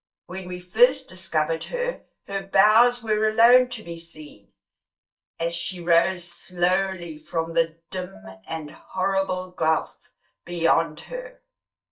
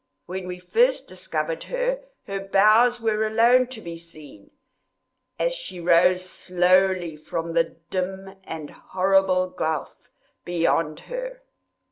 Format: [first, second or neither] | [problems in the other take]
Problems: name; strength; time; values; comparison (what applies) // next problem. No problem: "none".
second | noise reduction (neural mask model DeepFilterNet 3)